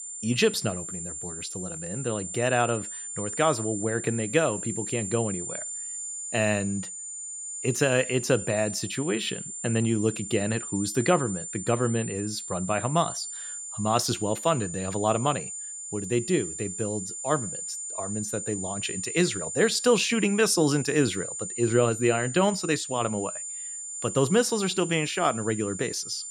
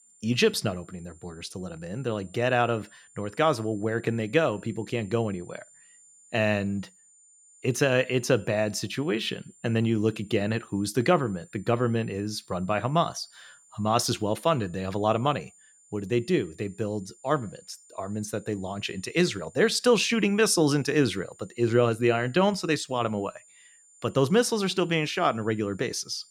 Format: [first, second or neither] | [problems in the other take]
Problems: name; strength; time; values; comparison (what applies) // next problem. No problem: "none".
second | high-pitched whine; loud; throughout; 7 kHz, 7 dB below the speech; faint in the second